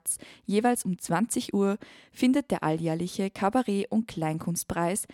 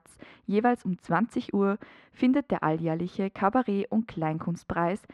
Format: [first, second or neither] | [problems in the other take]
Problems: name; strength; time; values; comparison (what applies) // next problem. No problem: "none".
first | muffled; very; fading above 2.5 kHz